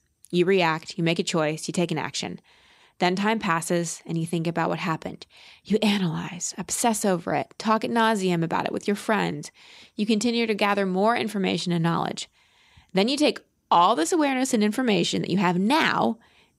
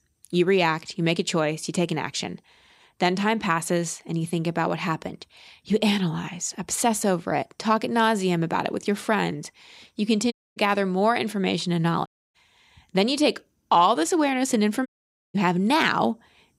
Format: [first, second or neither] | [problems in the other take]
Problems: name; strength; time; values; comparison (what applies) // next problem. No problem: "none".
first | audio cutting out; at 10 s, at 12 s and at 15 s